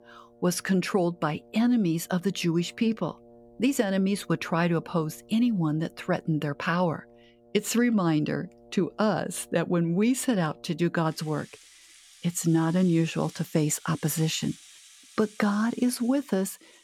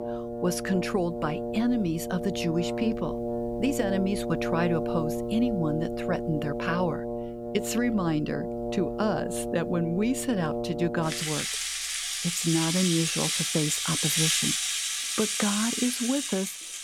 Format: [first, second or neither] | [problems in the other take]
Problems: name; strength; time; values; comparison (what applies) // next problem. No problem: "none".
first | background music; loud; throughout; as loud as the speech; faint in the first